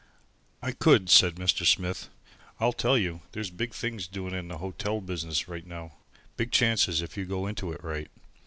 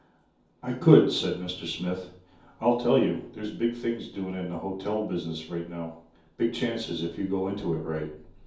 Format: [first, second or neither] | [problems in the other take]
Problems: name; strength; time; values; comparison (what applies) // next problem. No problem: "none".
first | room echo; dies away in 0.6 s